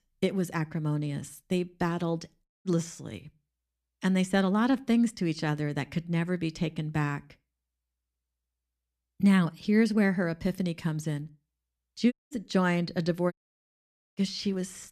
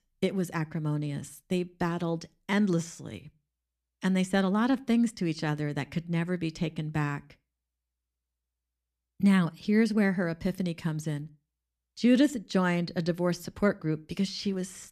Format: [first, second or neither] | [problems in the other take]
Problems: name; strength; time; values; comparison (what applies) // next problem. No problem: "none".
second | audio cutting out; at 2.5 s, at 12 s and at 13 s for 1 s